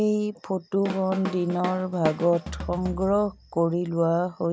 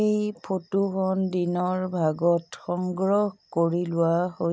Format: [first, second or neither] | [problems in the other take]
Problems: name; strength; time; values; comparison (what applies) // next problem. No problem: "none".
second | background sound (Drum kit); 11 dB below the speech